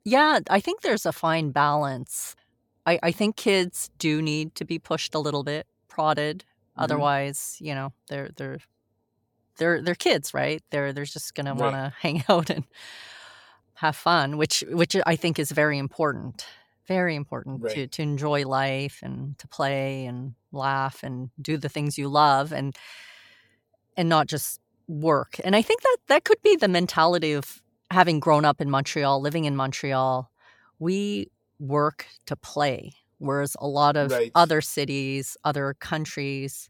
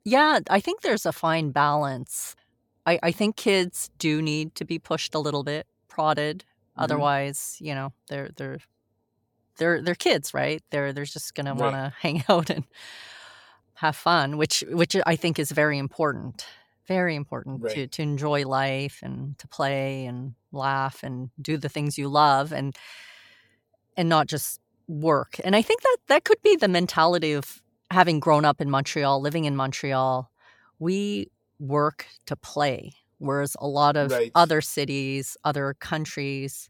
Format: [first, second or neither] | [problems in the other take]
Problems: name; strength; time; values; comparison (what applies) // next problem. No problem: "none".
neither | none